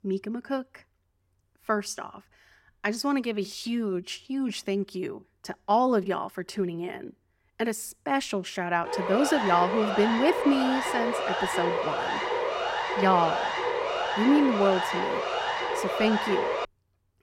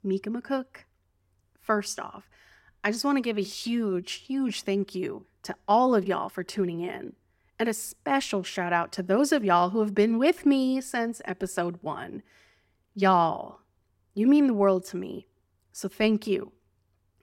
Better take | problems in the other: second | siren; noticeable; from 9 to 17 s; peak level with the speech

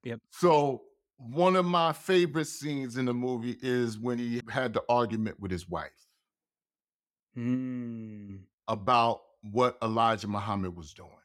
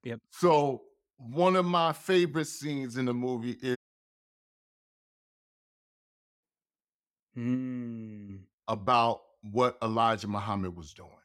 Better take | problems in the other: first | audio cutting out; at 4 s for 2.5 s

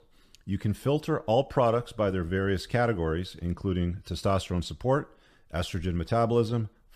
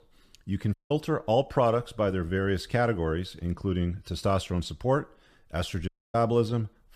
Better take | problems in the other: first | audio cutting out; at 0.5 s and at 6 s

